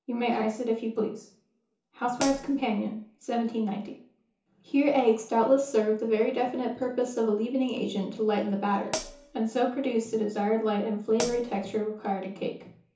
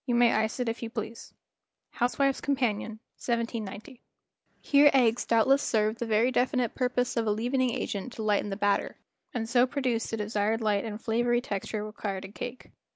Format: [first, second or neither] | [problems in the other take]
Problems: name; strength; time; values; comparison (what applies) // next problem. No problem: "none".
second | background sound (Hi-hat); 8 dB below the speech // room echo; dies away in 0.7 s